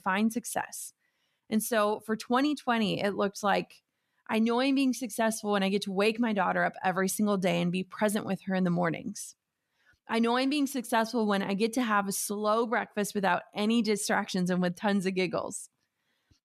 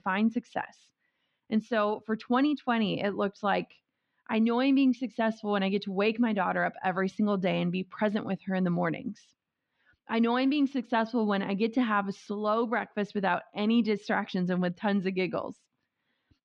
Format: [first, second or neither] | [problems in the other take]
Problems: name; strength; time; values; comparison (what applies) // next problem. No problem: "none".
first | muffled; slightly; fading above 4 kHz